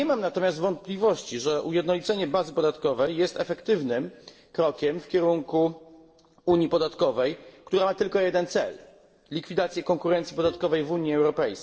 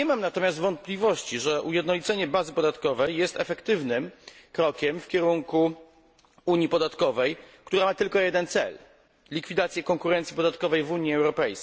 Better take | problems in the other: second | noise reduction (neural separator model SepFormer DNS4)

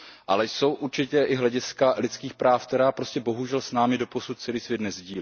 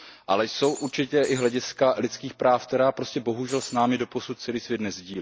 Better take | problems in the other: first | background sound (Shatter); 17 dB below the speech

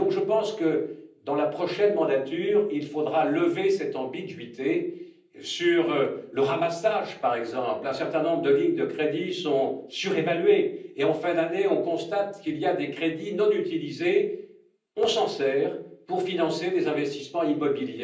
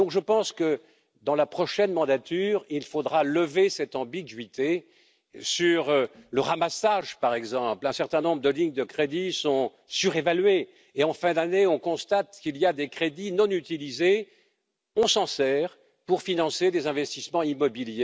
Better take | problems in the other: second | room echo; dies away in 0.6 s

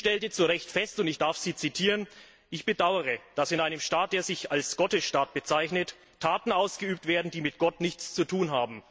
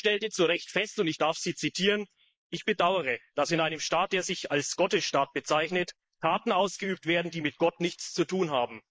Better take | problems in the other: first | noise reduction (neural mask model Resemble Enhance denoiser)

